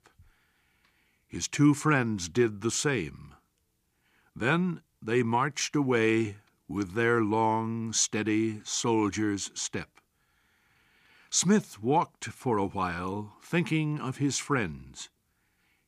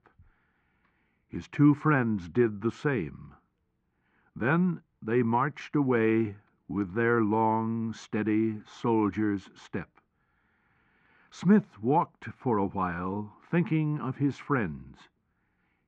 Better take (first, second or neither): first